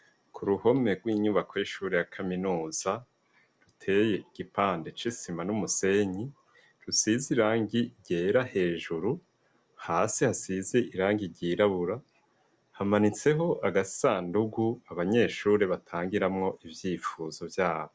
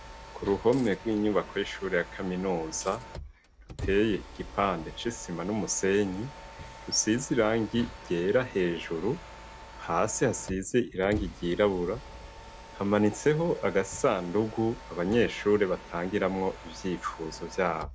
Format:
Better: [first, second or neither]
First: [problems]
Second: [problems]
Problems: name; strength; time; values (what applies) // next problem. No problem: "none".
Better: first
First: none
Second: background sound (Mechanisms + Coin (dropping)); 15 dB below the speech